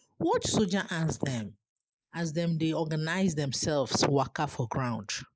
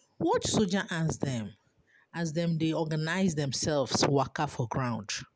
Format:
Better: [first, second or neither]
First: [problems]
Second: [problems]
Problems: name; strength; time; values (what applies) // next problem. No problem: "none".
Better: second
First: noise reduction (neural mask model Resemble Enhance denoiser)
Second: none